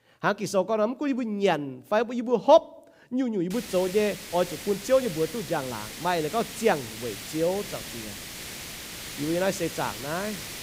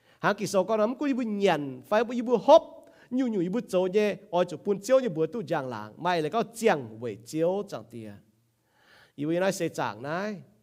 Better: second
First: hiss; noticeable; from 3.5 s on; 10 dB below the speech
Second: none

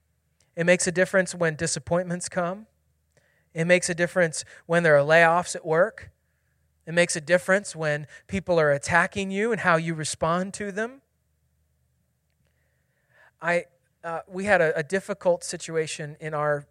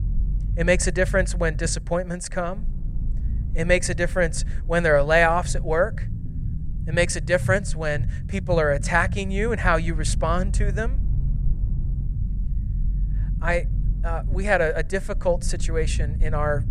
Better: first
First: none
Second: low rumble; faint; throughout; 20 dB below the speech

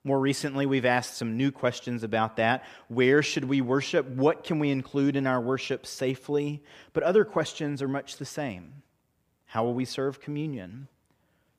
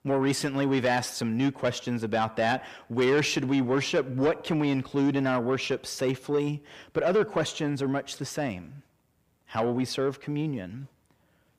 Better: first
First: none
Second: distortion; slight; 10 dB below the speech

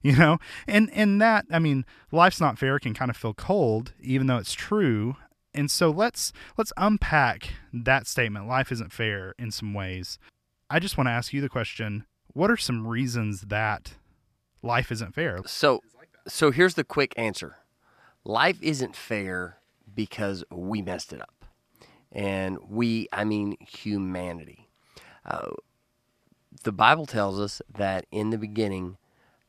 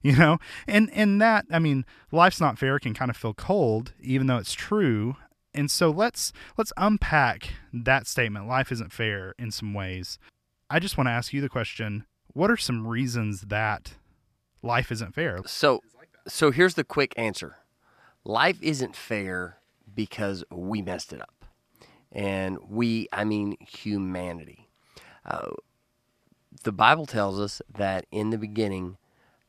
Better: neither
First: none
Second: none

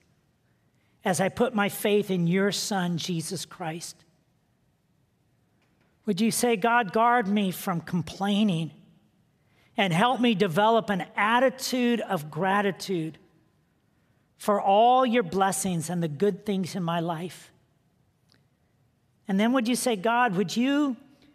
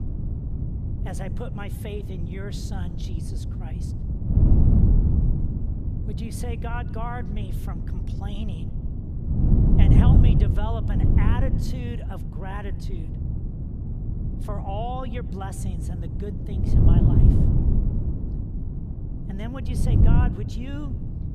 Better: first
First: none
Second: wind noise on the microphone; heavy; 1 dB above the speech

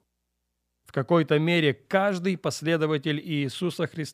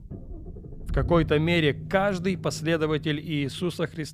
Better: first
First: none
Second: low rumble; faint; throughout; 20 dB below the speech

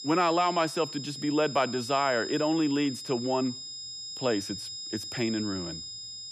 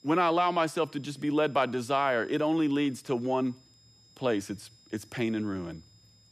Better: second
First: high-pitched whine; loud; throughout; 5 kHz, 8 dB below the speech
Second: high-pitched whine; faint; throughout; 5 kHz, 30 dB below the speech

